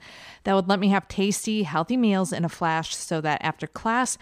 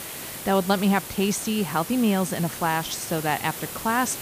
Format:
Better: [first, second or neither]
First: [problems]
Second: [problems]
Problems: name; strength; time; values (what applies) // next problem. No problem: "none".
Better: first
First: none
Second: hiss; loud; throughout; 9 dB below the speech